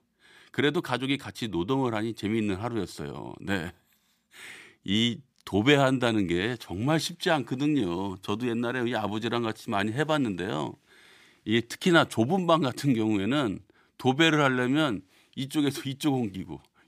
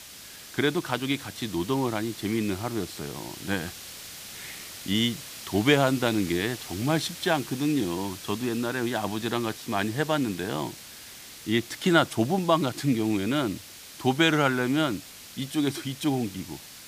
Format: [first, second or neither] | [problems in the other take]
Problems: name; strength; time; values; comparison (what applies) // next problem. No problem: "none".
first | hiss; noticeable; throughout; 15 dB below the speech